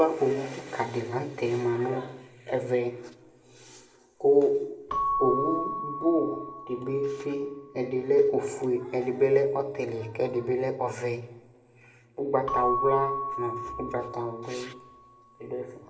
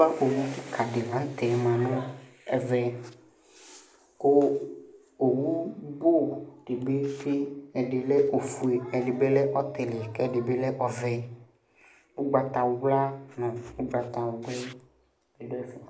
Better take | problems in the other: second | background sound (Keyboard (musical) / Bell); 8 dB below the speech // room echo; dies away in 1.1 s

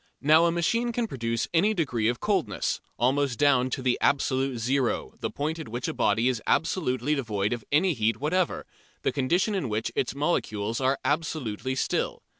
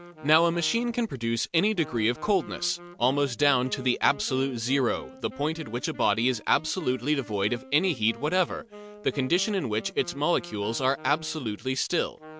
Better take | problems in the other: first | background sound (Wind instrument, woodwind instrument); 18 dB below the speech

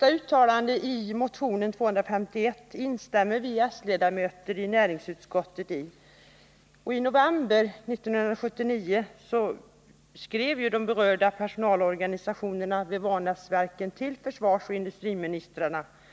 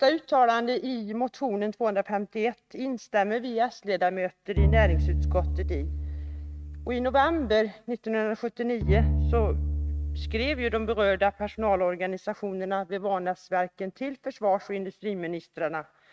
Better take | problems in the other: first | noise reduction (neural mask model RNNoise)

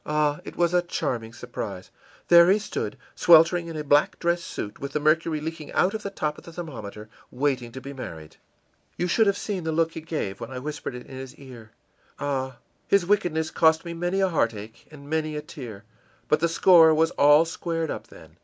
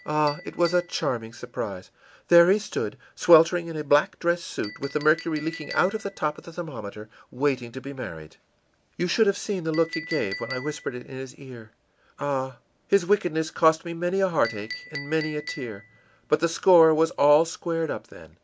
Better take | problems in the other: first | background sound (Chink, clink); 19 dB below the speech

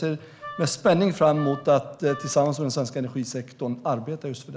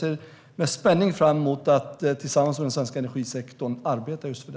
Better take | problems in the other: second | background sound (Wind instrument, woodwind instrument); 16 dB below the speech

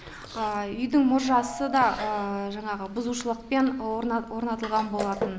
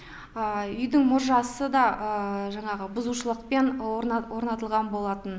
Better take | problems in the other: second | background sound (Piano + Chewing, mastication); 13 dB below the speech

